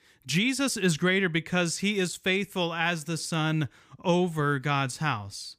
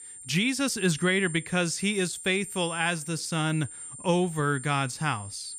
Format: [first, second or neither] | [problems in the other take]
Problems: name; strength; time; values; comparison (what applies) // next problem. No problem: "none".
first | high-pitched whine; noticeable; throughout; 9 kHz, 10 dB below the speech